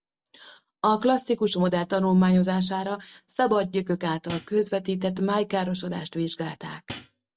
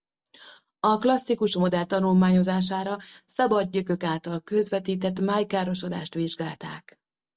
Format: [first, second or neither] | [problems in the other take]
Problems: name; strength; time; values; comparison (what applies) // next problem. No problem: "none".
second | background sound (Hi-hat); 15 dB below the speech